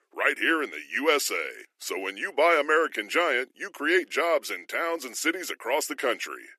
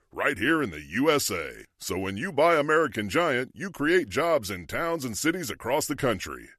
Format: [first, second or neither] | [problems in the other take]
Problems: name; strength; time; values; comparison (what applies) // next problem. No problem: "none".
second | thin; somewhat; fading below 300 Hz